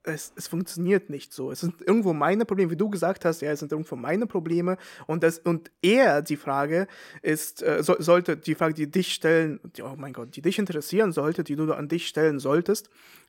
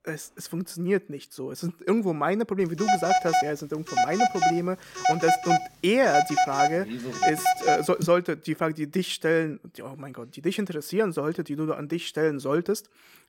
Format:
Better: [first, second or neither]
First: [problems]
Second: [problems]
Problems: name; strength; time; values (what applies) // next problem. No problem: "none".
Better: first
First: none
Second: phone ringing; loud; from 3 to 8 s; peak 4 dB above the speech